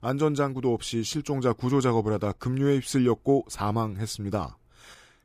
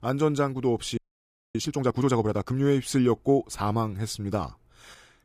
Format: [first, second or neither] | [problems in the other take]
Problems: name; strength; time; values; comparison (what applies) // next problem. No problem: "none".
first | audio freezing; at 1 s for 0.5 s